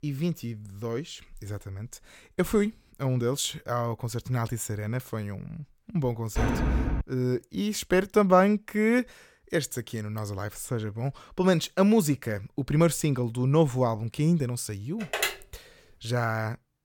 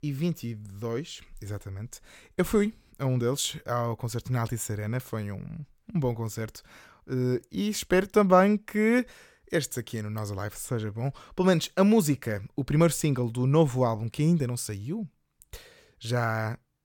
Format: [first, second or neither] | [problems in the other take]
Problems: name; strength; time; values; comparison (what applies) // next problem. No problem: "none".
second | door banging; loud; at 6.5 s; peak 1 dB above the speech // phone ringing; noticeable; at 15 s; peak 1 dB below the speech